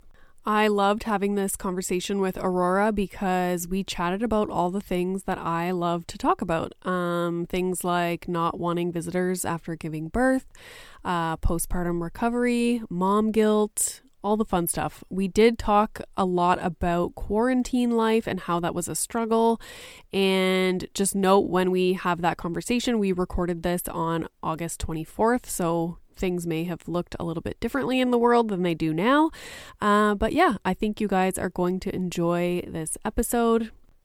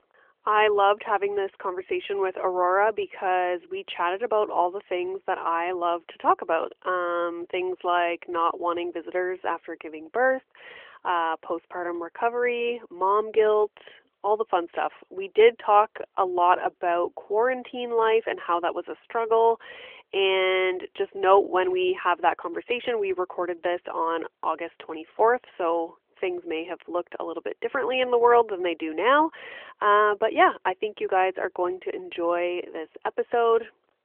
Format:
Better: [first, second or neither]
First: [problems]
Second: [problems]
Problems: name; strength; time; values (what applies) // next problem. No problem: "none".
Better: first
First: none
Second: phone-call audio; nothing above 3.5 kHz